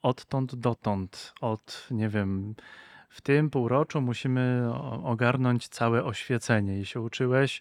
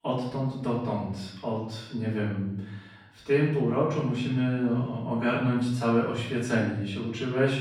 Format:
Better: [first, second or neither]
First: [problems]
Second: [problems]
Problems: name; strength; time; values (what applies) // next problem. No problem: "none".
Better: first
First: none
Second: off-mic speech; far // room echo; noticeable; dies away in 0.8 s